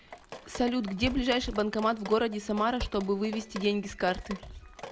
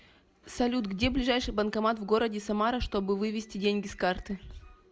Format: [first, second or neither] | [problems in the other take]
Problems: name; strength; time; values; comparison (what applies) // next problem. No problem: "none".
second | background sound (Drip); 16 dB below the speech